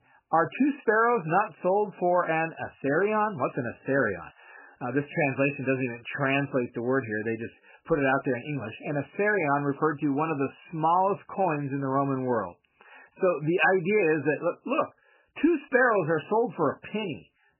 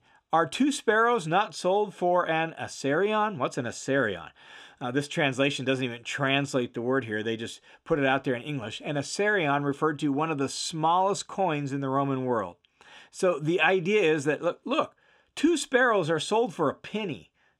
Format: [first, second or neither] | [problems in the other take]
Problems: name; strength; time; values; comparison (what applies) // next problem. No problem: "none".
second | garbled, watery; badly; nothing above 2.5 kHz